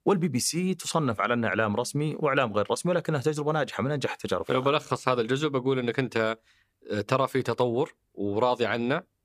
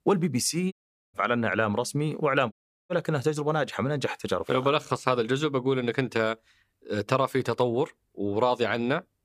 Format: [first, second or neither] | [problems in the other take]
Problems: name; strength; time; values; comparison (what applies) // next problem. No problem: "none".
first | audio cutting out; at 0.5 s and at 2.5 s